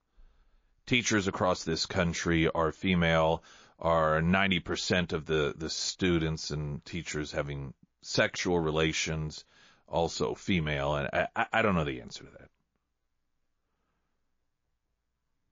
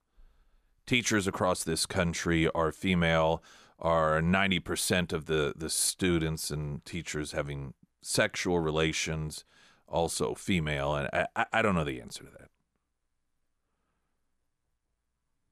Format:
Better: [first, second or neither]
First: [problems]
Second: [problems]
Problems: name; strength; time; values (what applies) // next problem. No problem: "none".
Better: second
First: garbled, watery; slightly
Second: none